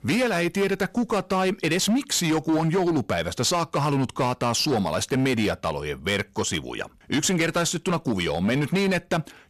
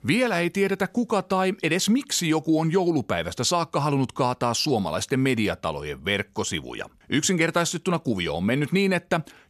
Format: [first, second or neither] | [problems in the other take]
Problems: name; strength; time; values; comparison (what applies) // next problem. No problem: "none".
second | distortion; slight; 14% of the sound clipped